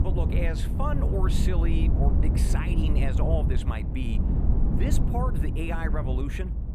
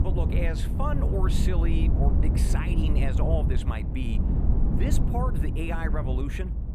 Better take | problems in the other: neither | low rumble; loud; throughout; 4 dB below the speech; the same in both

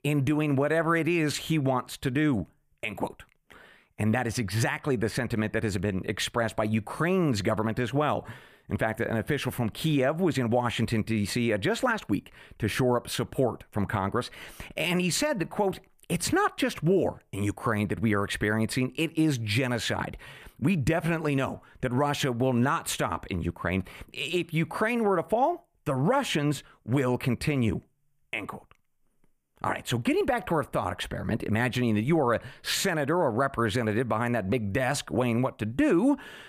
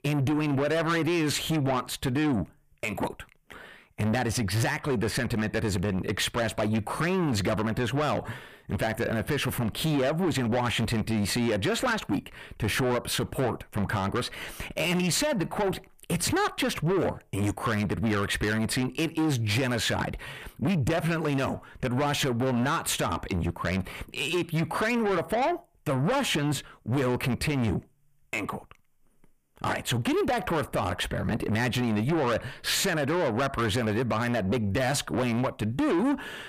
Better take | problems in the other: first | distortion; heavy; 7 dB below the speech

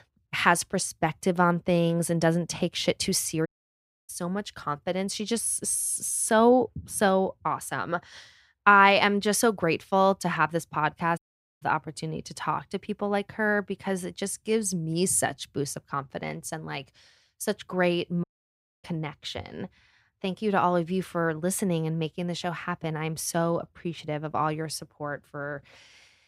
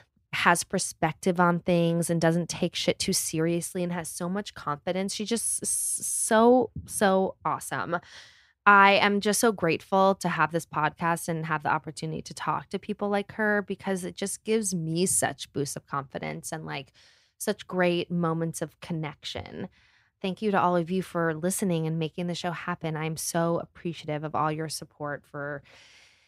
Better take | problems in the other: second | audio cutting out; at 3.5 s for 0.5 s, at 11 s and at 18 s for 0.5 s

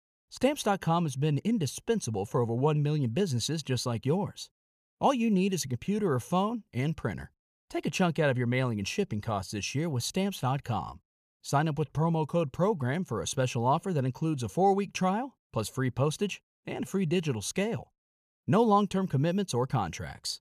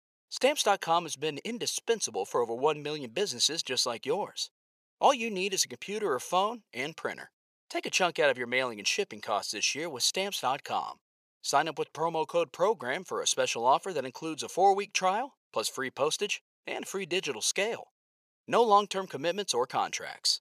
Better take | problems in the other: first | thin; very; fading below 500 Hz

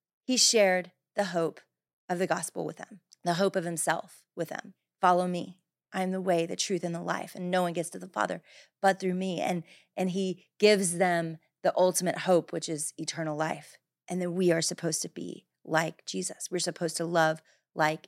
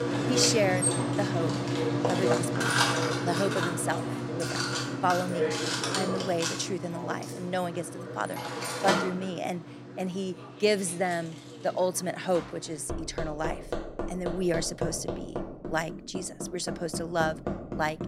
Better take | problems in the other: first | machinery noise; very loud; throughout; 1 dB above the speech

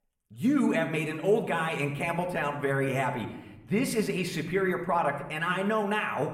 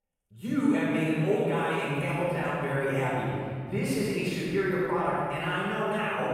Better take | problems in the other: first | room echo; strong; dies away in 2.6 s; slight in the first // off-mic speech; far; somewhat distant in the first

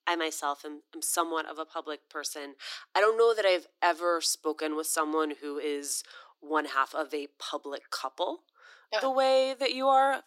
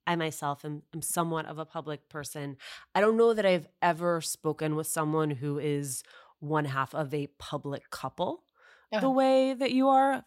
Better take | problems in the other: second | thin; somewhat; fading below 300 Hz

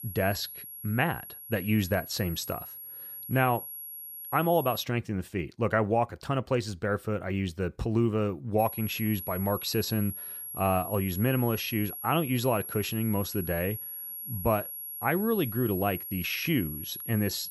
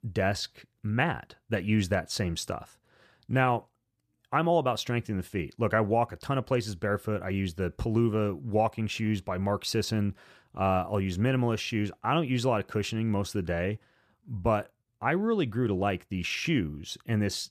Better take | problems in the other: second | high-pitched whine; loud; until 5 s and from 8.5 s on; 11.5 kHz, 8 dB below the speech

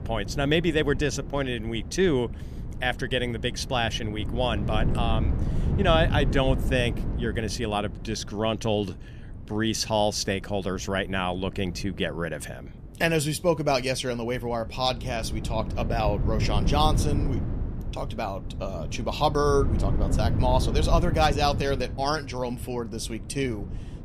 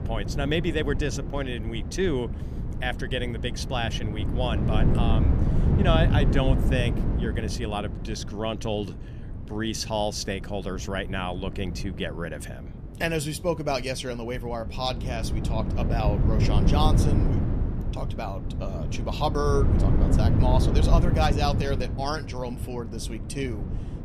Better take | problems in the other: first | wind noise on the microphone; heavy; 6 dB below the speech; occasional gusts in the first

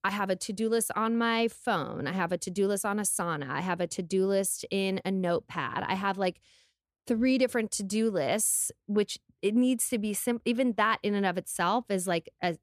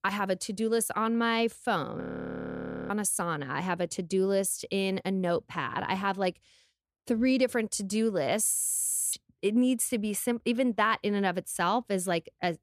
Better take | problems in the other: first | audio freezing; at 2 s for 1 s and at 8.5 s for 0.5 s

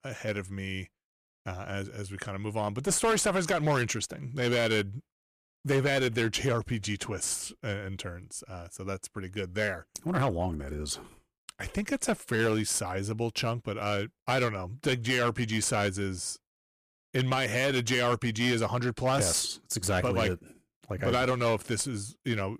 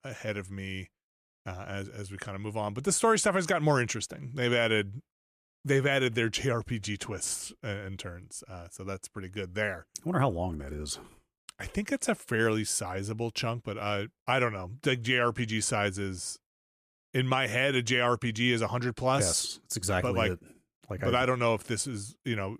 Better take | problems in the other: second | distortion; slight; 6% of the sound clipped

